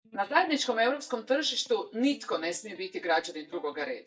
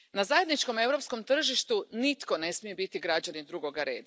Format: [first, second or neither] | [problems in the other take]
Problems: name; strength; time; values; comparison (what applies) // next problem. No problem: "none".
second | noise reduction (neural mask model DeepFilterNet 3)